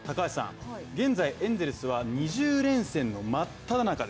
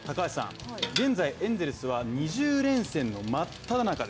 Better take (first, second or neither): first